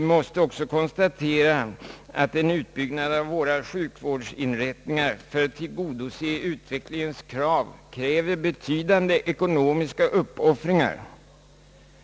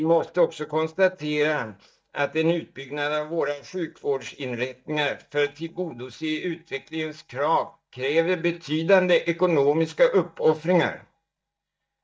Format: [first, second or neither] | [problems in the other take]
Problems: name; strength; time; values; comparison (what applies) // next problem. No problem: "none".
first | noise reduction (neural mask model DeepFilterNet 3)